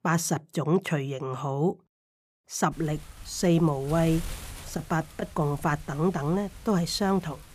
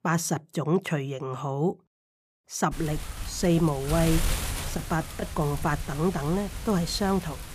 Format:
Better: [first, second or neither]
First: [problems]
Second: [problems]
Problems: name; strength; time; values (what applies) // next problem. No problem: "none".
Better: first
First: wind noise on the microphone; occasional gusts; from 2.5 s on; 15 dB below the speech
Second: wind noise on the microphone; heavy; from 2.5 s on; 8 dB below the speech